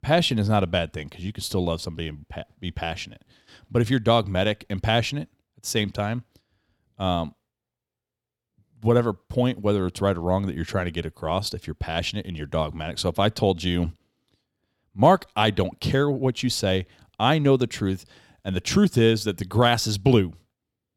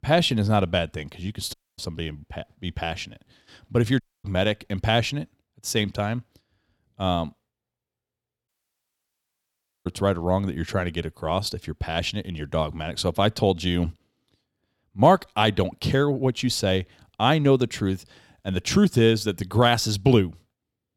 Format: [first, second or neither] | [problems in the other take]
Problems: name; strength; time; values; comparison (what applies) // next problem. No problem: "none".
first | audio cutting out; at 1.5 s, at 4 s and at 8.5 s for 1.5 s